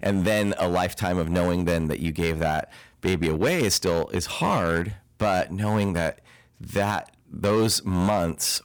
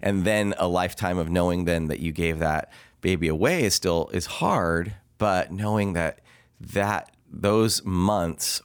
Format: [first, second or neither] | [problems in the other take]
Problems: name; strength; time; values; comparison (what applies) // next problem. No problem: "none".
second | distortion; slight; 7% of the sound clipped